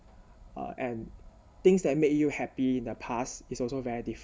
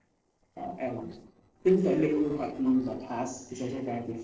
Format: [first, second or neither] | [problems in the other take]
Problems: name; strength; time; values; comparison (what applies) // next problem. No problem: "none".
first | noise reduction (neural separator model SepFormer DNS4)